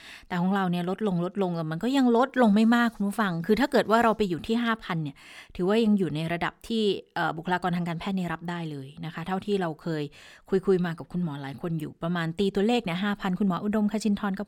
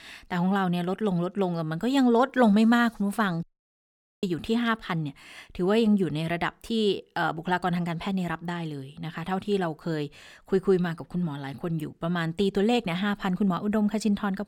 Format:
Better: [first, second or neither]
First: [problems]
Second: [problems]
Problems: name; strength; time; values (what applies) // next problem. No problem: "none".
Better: first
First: none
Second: audio cutting out; at 3.5 s for 1 s